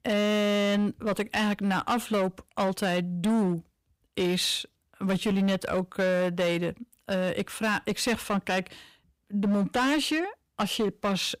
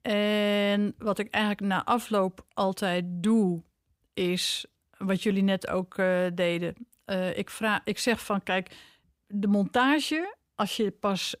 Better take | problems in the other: second | distortion; slight; 13% of the sound clipped

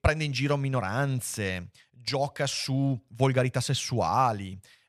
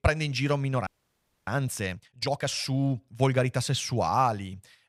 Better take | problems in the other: first | audio freezing; at 1 s for 0.5 s

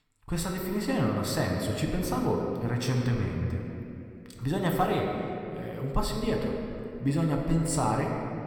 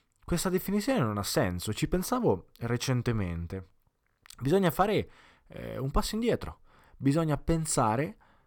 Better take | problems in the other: second | room echo; noticeable; dies away in 2.4 s // off-mic speech; somewhat distant

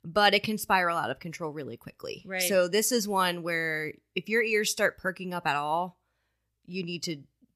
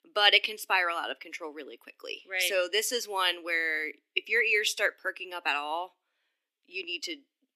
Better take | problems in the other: first | thin; very; fading below 300 Hz

